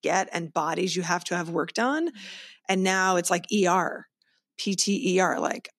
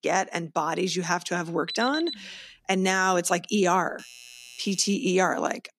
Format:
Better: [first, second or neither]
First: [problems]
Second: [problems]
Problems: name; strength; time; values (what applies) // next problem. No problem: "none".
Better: first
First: none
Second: alarm; noticeable; at 1.5 s; peak 7 dB below the speech // doorbell; faint; from 4 to 5 s; peak 20 dB below the speech